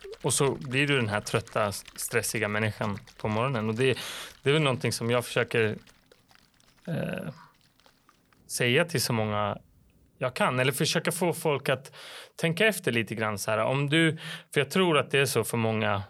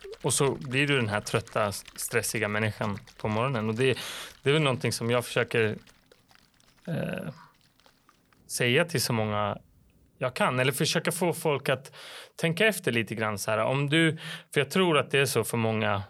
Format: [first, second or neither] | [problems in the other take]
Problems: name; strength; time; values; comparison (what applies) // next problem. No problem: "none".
neither | rain or running water; faint; throughout; 25 dB below the speech; the same in both